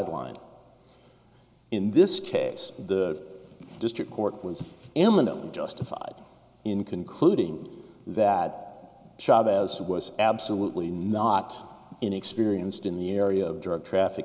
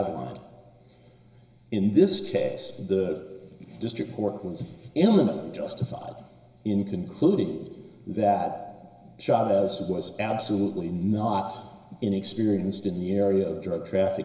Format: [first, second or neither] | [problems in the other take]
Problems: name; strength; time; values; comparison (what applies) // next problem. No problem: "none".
first | room echo; dies away in 1 s